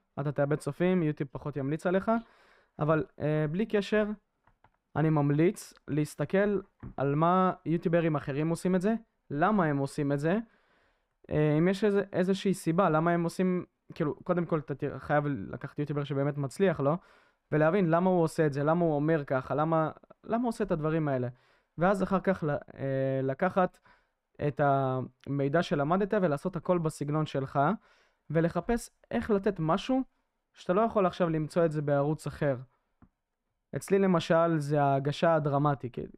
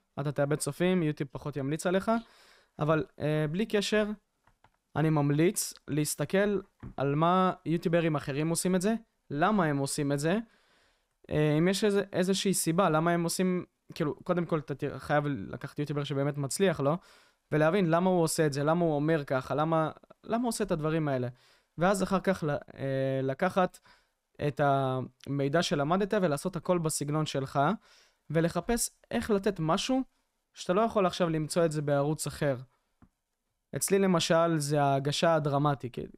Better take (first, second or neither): second